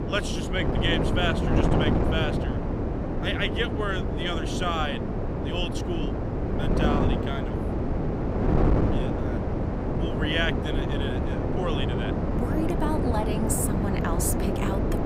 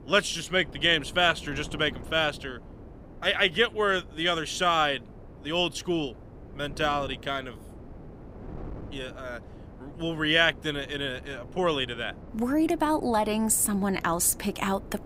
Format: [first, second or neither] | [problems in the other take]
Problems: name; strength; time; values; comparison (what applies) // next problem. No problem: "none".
second | wind noise on the microphone; heavy; 1 dB below the speech; occasional gusts in the second